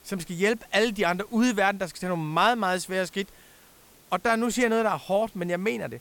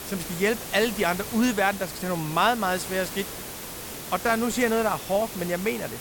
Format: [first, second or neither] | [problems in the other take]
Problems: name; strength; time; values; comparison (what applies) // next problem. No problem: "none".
first | hiss; loud; throughout; 9 dB below the speech; faint in the first